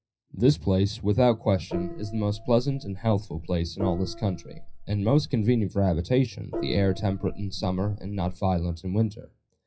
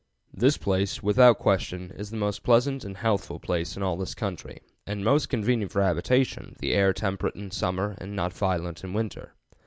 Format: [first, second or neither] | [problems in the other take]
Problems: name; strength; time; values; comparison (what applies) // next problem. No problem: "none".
second | noise reduction (classical method WPE with log-MMSE)